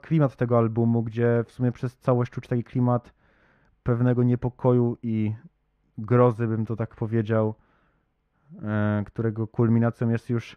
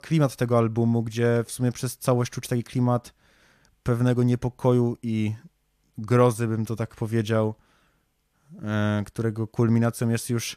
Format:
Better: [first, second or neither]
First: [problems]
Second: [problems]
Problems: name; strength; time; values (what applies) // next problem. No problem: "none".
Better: second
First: muffled; very; fading above 4 kHz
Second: none